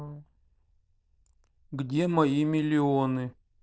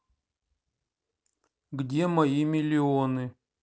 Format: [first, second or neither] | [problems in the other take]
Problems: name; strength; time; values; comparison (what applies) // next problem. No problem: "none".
second | noise reduction (neural diffusion model UNIVERSE++)